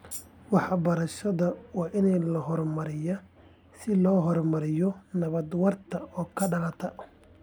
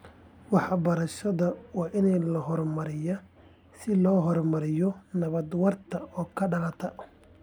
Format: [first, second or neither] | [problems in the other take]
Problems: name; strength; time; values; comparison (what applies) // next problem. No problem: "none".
second | background sound (Tambourine); 17 dB below the speech